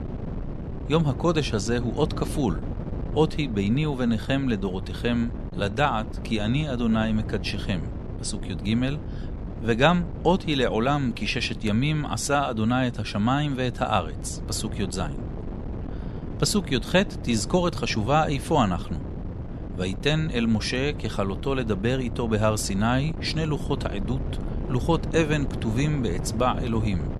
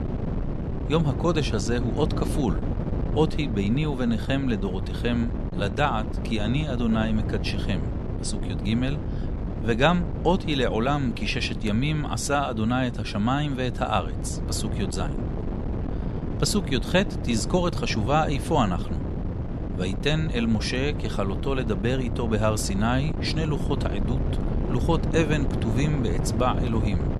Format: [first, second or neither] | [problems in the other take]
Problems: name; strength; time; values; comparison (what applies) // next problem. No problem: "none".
first | wind noise on the microphone; heavy; 9 dB below the speech; occasional gusts in the first